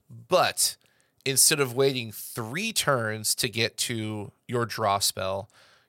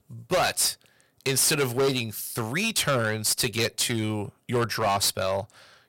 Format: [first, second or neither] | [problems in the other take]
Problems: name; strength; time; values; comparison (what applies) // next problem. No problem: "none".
first | distortion; heavy; 10% of the sound clipped